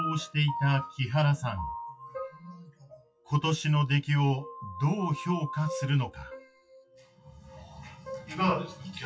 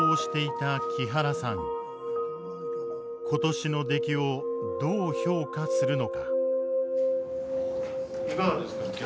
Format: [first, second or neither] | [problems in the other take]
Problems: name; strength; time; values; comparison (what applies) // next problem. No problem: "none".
second | noise reduction (classical method WPE with log-MMSE)